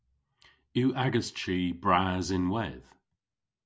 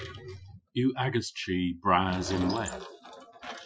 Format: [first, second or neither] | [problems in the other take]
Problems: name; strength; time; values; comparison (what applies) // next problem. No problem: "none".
first | noise reduction (classical method Wiener filter)